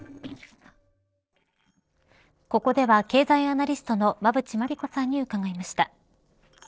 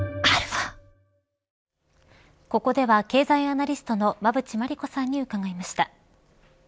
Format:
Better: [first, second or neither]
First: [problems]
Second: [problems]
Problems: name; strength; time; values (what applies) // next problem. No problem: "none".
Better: second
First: noise reduction (neural separator model SepFormer DNS4)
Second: none